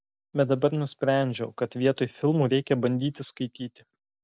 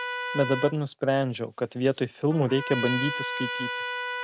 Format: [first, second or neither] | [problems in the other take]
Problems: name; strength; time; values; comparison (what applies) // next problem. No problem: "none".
first | background sound (Trumpet); 6 dB below the speech